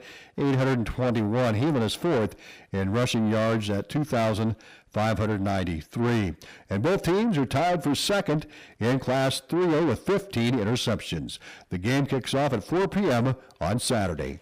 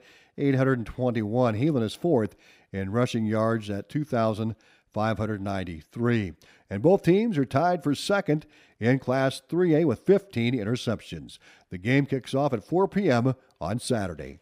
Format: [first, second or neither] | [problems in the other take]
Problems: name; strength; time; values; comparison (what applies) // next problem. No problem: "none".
second | distortion; heavy; 6 dB below the speech